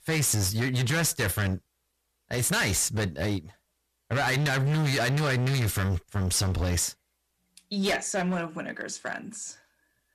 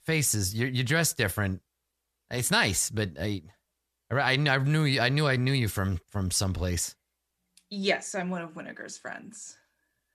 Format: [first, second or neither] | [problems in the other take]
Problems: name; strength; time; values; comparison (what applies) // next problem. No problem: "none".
second | distortion; heavy; 19% of the sound clipped